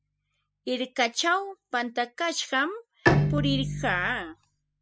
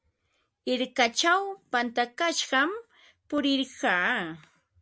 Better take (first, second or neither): second